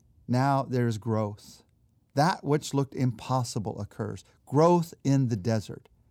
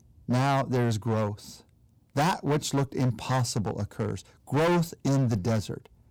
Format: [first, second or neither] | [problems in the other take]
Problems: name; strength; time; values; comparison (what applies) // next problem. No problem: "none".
first | distortion; heavy; 14% of the sound clipped